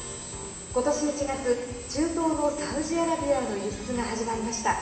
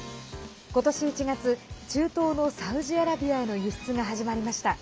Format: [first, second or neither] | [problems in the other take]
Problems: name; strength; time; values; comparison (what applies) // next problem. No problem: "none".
second | background sound (Drill); 10 dB below the speech // room echo; dies away in 1.1 s